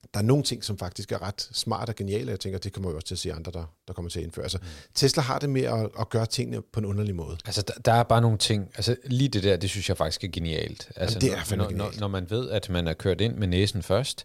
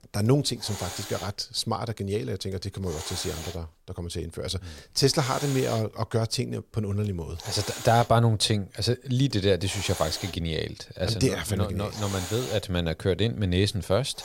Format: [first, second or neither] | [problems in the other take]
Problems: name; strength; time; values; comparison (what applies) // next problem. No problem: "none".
first | hiss; noticeable; throughout; 10 dB below the speech